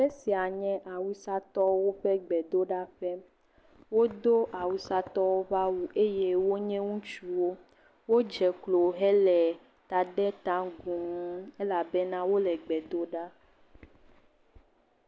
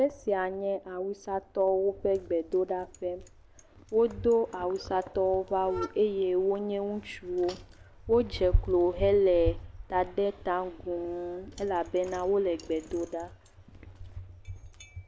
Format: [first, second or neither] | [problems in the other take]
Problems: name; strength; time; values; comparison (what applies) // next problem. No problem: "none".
first | background sound (Bicycle); 10 dB below the speech